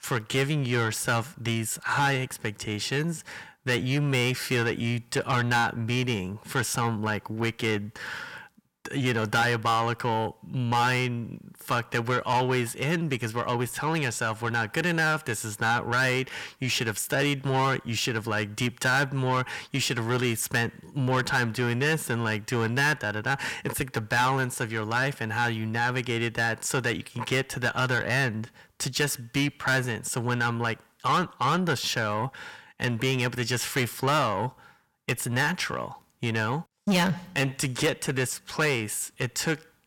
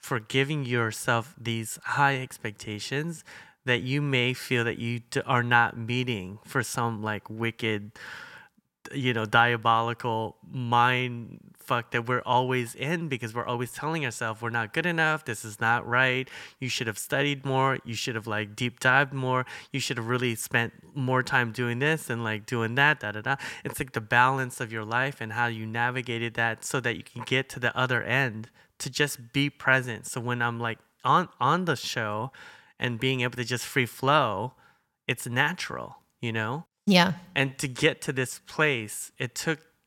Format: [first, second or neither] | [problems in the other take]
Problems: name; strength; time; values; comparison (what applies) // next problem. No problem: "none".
second | distortion; heavy; 7 dB below the speech